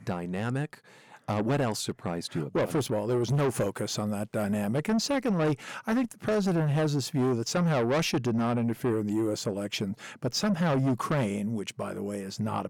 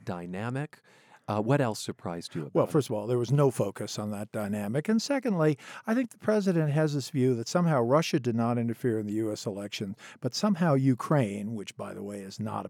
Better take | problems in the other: second | distortion; heavy; 8 dB below the speech

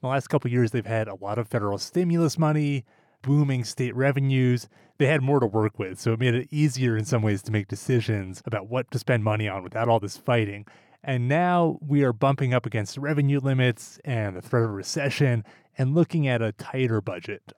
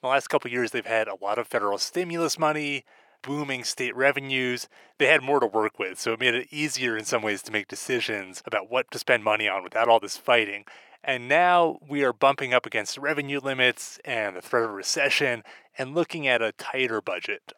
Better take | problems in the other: first | thin; very; fading below 500 Hz

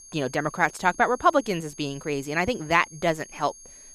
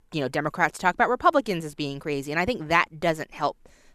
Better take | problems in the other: second | high-pitched whine; noticeable; throughout; 6.5 kHz, 20 dB below the speech

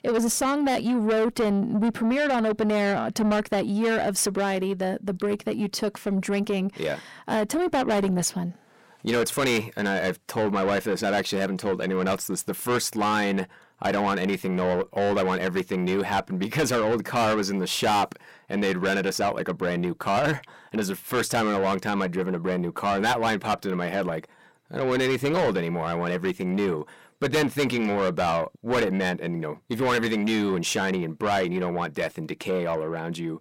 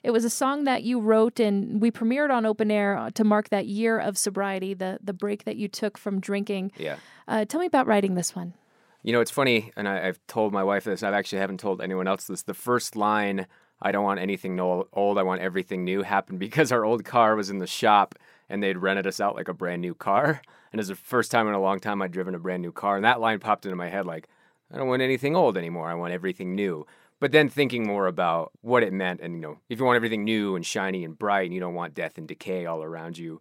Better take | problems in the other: second | distortion; heavy; 6 dB below the speech

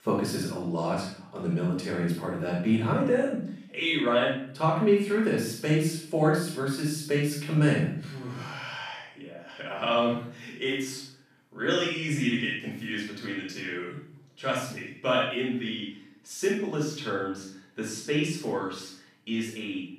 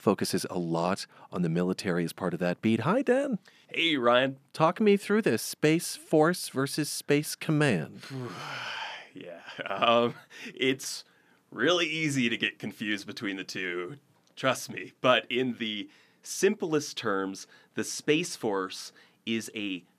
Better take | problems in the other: second | off-mic speech; far // room echo; noticeable; dies away in 0.5 s

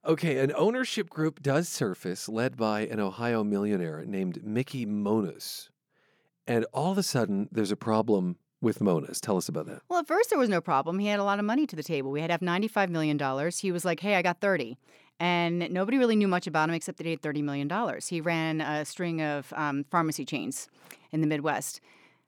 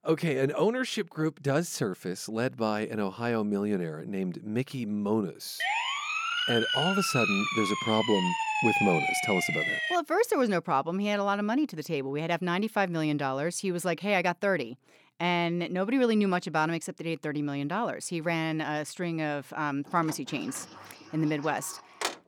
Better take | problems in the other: first | siren; loud; from 5.5 to 10 s; peak 4 dB above the speech // door banging; noticeable; from 20 s on; peak 4 dB below the speech

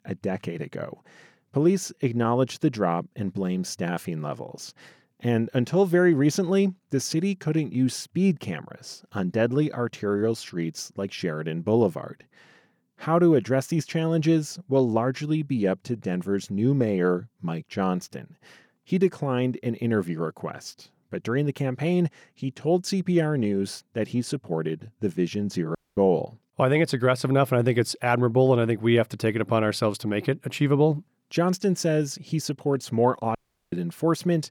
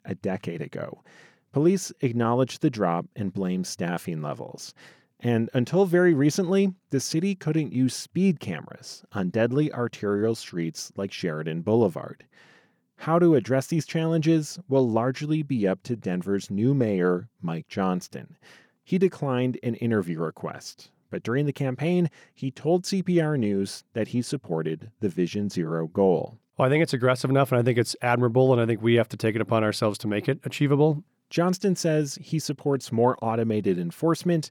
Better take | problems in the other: second | audio cutting out; at 26 s and at 33 s

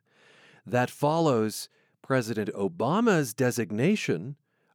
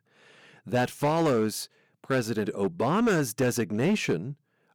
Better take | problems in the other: first | distortion; slight; 7% of the sound clipped

